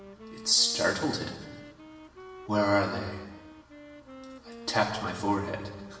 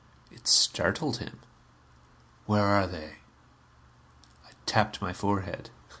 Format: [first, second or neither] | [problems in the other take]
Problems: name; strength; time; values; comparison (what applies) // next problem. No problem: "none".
second | background sound (Wind instrument, woodwind instrument); 15 dB below the speech // room echo; dies away in 1.3 s